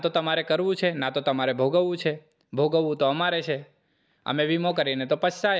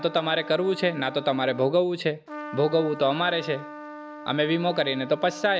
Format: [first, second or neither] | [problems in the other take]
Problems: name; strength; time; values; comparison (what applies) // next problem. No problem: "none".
first | background sound (Trumpet); 14 dB below the speech